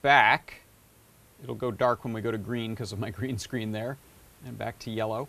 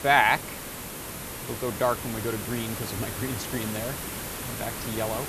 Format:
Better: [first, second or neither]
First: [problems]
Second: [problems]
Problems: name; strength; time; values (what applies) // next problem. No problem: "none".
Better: first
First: hiss; faint; throughout; 30 dB below the speech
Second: hiss; loud; throughout; 5 dB below the speech